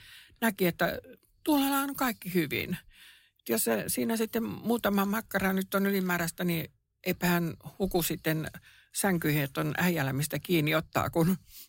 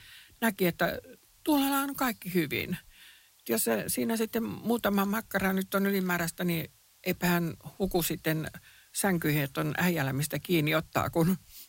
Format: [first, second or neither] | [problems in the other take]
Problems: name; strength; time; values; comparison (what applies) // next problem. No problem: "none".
first | hiss; faint; throughout; 30 dB below the speech